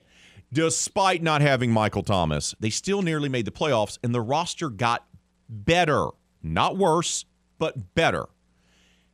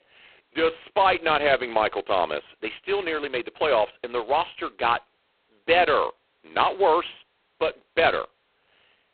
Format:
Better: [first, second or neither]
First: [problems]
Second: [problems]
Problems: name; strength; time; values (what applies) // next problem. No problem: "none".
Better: first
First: none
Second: phone-call audio; poor line; nothing above 4 kHz